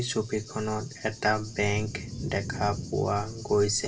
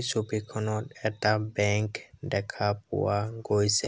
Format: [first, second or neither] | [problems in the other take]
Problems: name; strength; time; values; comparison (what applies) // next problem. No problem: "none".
second | background sound (Thunder / Cricket); 11 dB below the speech // room echo; dies away in 0.2 s